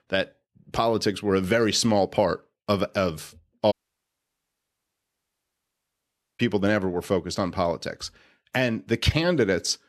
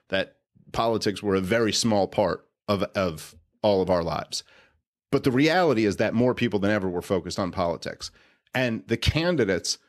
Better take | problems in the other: second | audio cutting out; at 3.5 s for 2.5 s

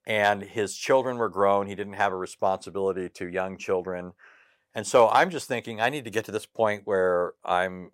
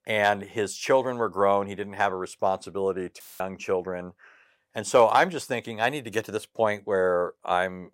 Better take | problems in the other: first | audio cutting out; filled with static; at 3 s

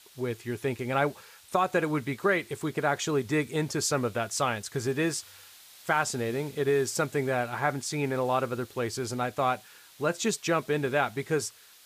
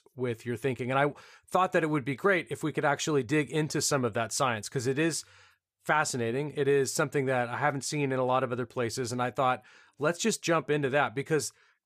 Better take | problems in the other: second | hiss; faint; throughout; 20 dB below the speech

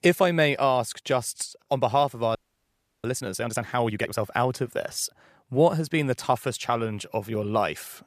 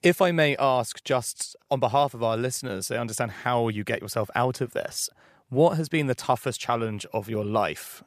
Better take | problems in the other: second | audio freezing; at 2.5 s for 0.5 s

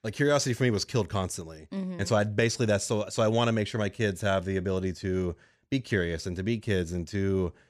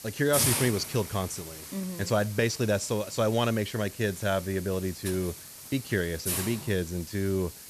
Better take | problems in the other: first | hiss; loud; throughout; 6 dB below the speech

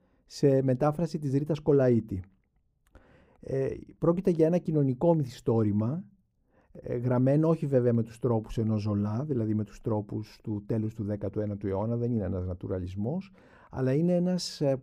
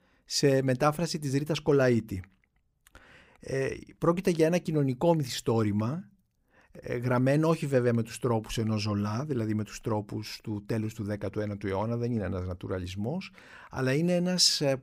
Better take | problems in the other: second | muffled; slightly; fading above 1 kHz

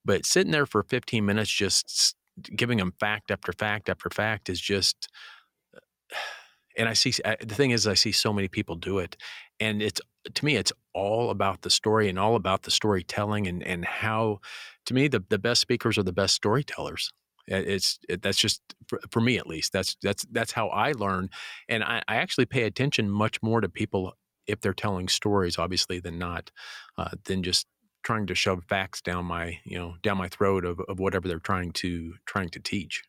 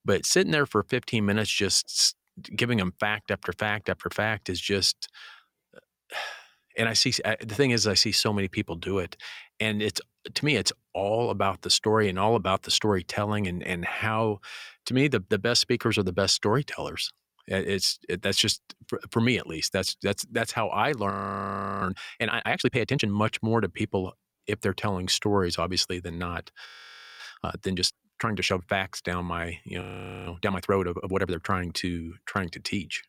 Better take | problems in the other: first | audio freezing; at 21 s for 0.5 s, at 27 s for 0.5 s and at 30 s

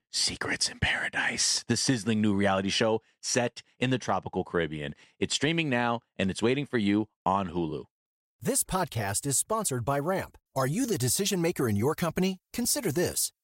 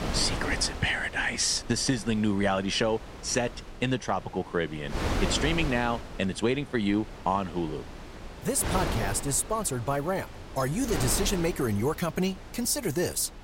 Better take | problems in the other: first | wind noise on the microphone; heavy; 10 dB below the speech

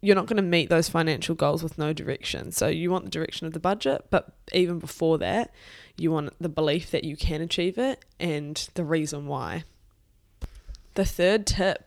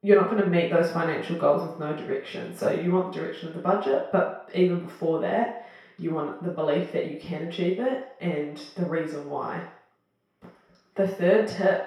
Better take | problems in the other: first | room echo; noticeable; dies away in 0.6 s // off-mic speech; far

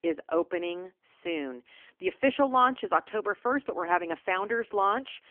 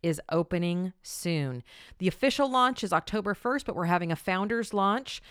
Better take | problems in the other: second | phone-call audio; poor line; nothing above 3.5 kHz

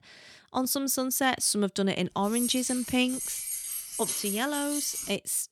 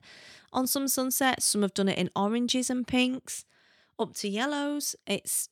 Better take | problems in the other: second | jangling keys; noticeable; from 2.5 s on; peak 1 dB below the speech

